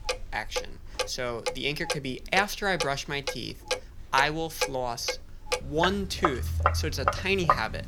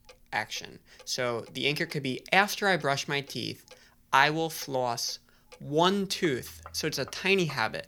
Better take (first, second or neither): second